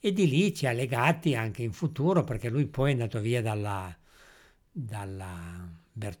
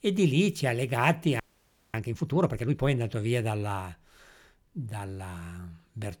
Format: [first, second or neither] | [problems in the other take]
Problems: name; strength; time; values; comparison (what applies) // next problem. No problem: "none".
first | audio freezing; at 1.5 s for 0.5 s